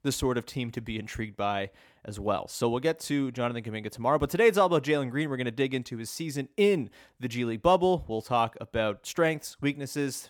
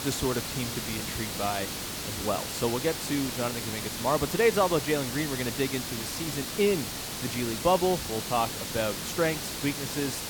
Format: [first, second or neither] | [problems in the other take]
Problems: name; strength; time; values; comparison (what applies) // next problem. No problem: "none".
first | hiss; loud; throughout; 3 dB below the speech